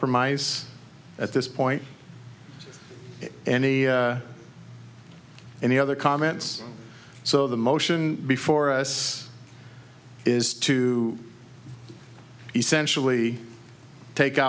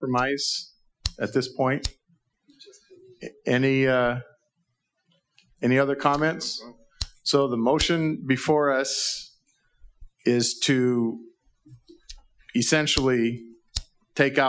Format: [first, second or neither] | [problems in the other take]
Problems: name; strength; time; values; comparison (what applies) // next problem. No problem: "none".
first | noise reduction (classical method Wiener filter)